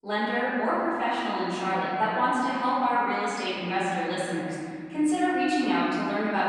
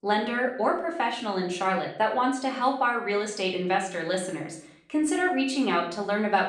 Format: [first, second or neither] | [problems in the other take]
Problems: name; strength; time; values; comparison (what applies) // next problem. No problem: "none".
second | room echo; strong; dies away in 3 s; slight in the second // off-mic speech; far; far in the second